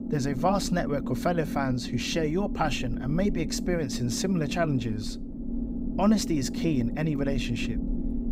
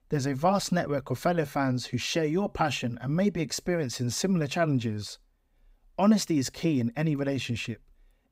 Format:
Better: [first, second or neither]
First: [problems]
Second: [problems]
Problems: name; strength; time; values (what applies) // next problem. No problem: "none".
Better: second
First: low rumble; loud; throughout; 9 dB below the speech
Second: none